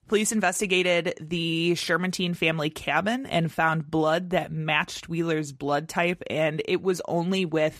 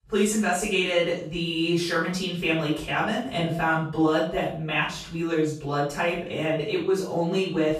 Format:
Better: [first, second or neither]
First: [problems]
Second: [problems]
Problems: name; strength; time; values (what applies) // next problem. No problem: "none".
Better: first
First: none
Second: off-mic speech; far // room echo; noticeable; dies away in 0.4 s